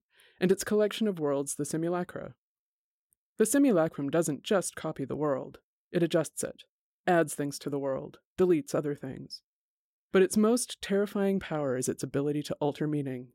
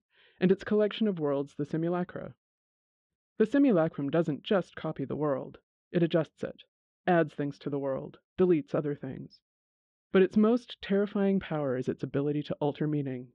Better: first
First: none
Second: muffled; very; fading above 3.5 kHz

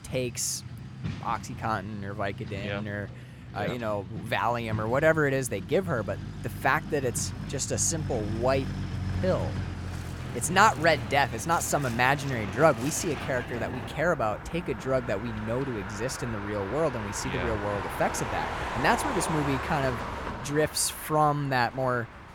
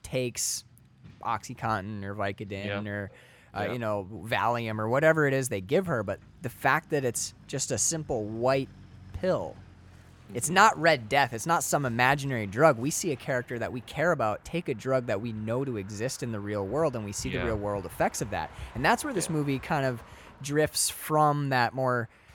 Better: second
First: traffic noise; loud; throughout; 8 dB below the speech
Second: traffic noise; faint; throughout; 25 dB below the speech

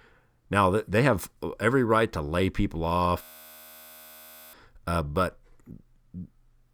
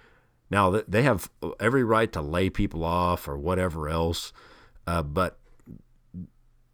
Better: second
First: audio freezing; at 3 s for 1.5 s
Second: none

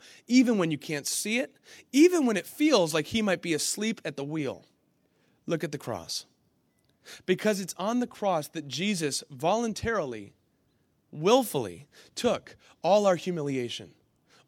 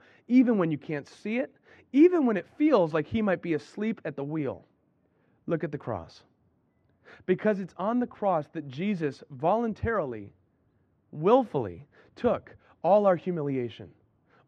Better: first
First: none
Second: muffled; very; fading above 1.5 kHz

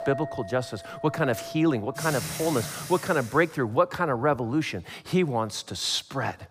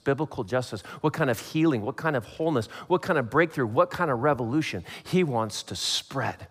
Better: second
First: household noises; loud; until 3 s; 10 dB below the speech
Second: none

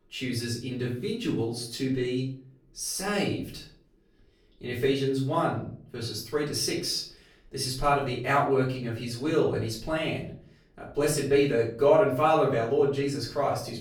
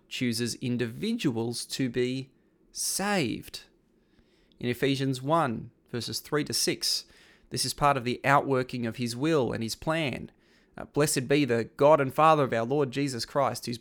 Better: second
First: room echo; slight; dies away in 0.4 s // off-mic speech; far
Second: none

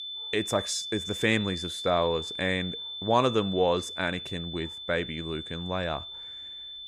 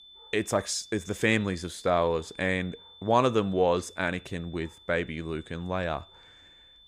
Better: second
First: high-pitched whine; loud; throughout; 3.5 kHz, 6 dB below the speech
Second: high-pitched whine; faint; throughout; 3.5 kHz, 20 dB below the speech

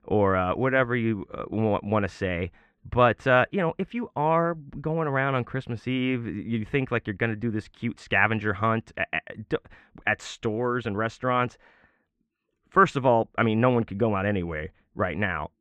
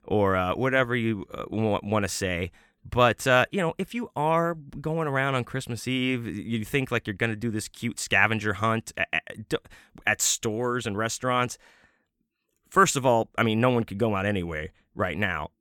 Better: second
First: muffled; very; fading above 2 kHz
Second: none

